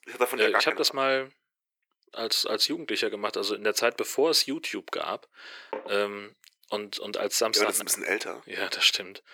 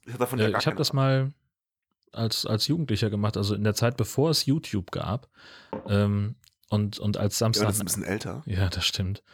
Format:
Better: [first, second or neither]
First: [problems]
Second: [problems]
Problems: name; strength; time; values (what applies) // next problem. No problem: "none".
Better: second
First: thin; very; fading below 350 Hz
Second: none